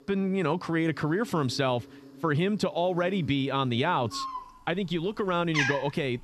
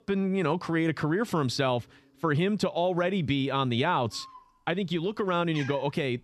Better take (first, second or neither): second